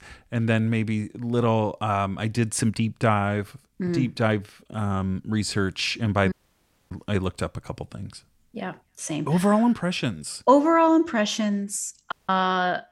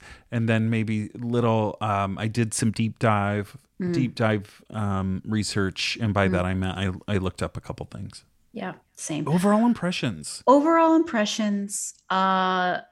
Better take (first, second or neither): second